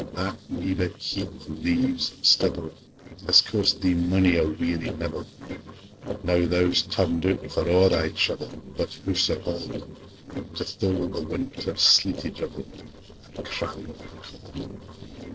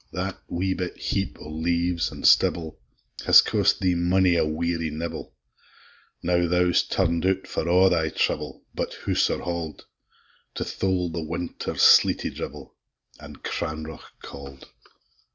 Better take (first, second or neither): second